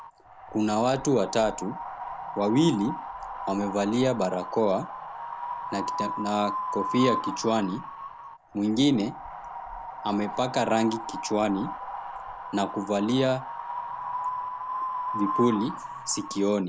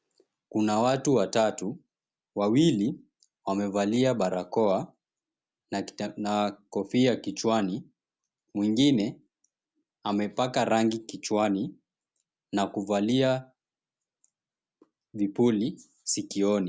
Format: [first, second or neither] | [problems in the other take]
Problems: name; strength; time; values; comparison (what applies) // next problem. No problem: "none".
second | background sound (Wind); 7 dB below the speech